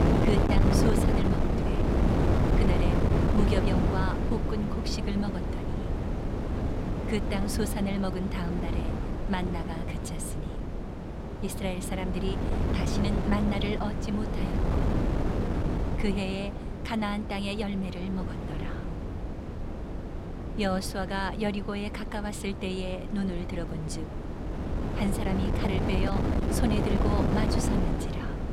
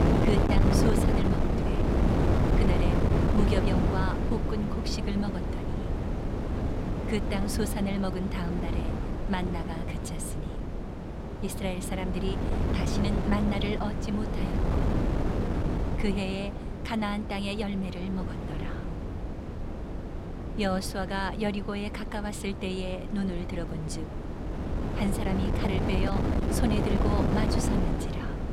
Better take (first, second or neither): neither